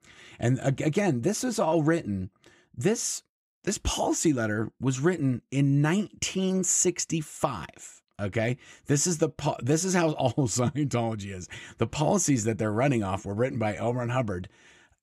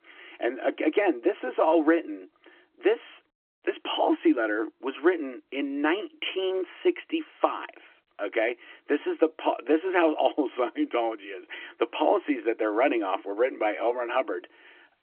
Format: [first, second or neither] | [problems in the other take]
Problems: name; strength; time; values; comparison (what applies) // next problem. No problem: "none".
first | phone-call audio; nothing above 3 kHz